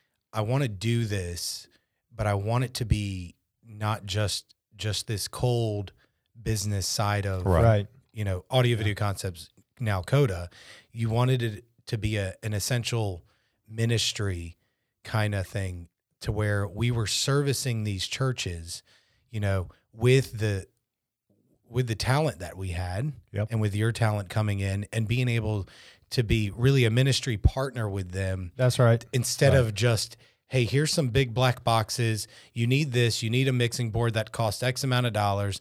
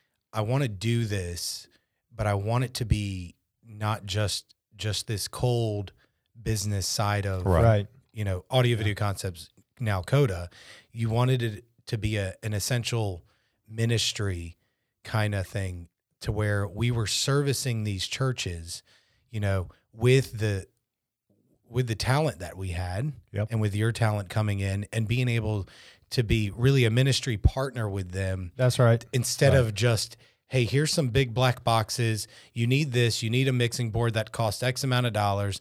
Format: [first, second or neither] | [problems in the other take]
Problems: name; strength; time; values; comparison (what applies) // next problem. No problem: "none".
neither | none